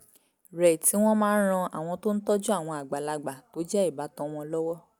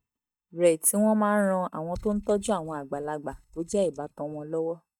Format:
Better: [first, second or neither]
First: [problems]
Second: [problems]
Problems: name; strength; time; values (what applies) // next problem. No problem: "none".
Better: first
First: none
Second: noise reduction (neural mask model DeepFilterNet 3)